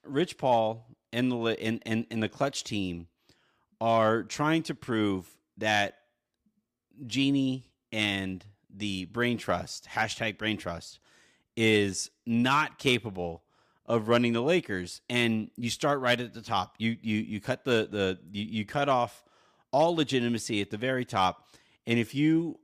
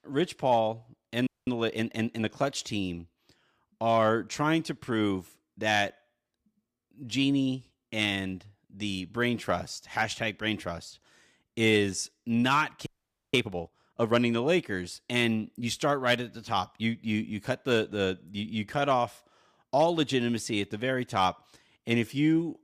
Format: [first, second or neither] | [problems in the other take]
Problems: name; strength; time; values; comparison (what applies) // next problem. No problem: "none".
first | audio freezing; at 1.5 s and at 13 s